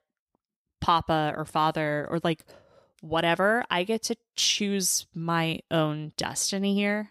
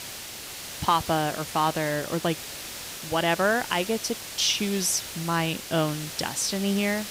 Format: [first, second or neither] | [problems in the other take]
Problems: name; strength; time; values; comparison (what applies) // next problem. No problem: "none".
first | hiss; loud; throughout; 9 dB below the speech